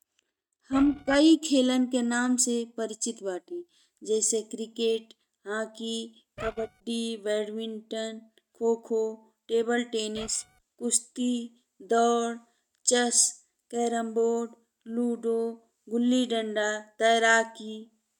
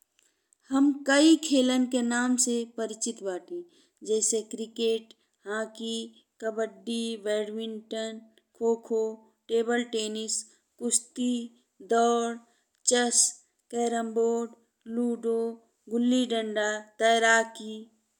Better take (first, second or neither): second